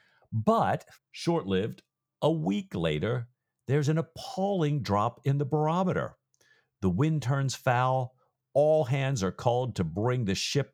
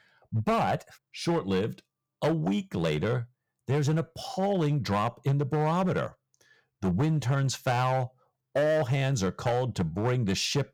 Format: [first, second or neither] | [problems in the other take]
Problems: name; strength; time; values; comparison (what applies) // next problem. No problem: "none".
first | distortion; slight; 10% of the sound clipped